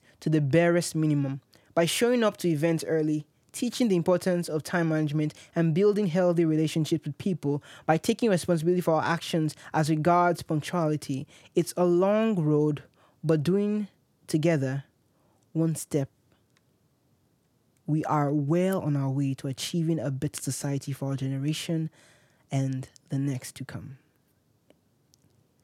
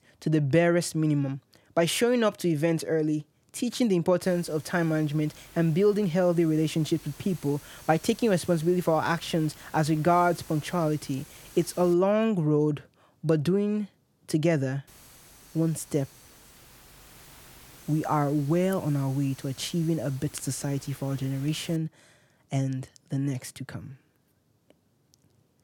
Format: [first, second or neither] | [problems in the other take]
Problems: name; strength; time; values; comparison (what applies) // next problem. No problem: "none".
first | hiss; faint; from 4 to 12 s and from 15 to 22 s; 20 dB below the speech